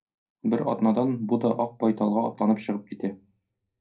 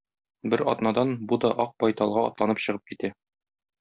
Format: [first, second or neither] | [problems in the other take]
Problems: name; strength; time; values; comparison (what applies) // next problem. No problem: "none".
second | room echo; dies away in 0.2 s